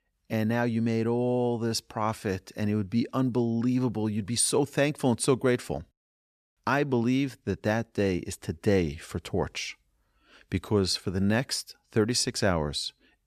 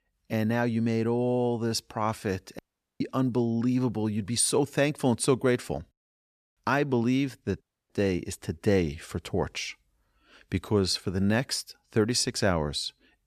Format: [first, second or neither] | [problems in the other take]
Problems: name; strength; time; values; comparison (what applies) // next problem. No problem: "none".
first | audio cutting out; at 2.5 s and at 7.5 s